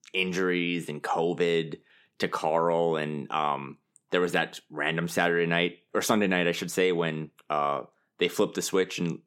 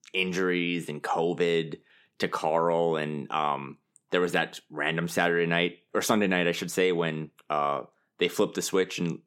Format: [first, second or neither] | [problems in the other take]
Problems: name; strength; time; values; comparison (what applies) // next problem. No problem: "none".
neither | none